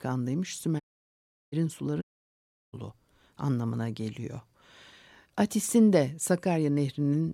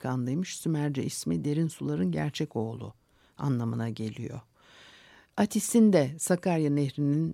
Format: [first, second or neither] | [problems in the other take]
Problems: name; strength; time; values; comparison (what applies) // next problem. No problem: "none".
second | audio cutting out; at 1 s for 0.5 s and at 2 s for 0.5 s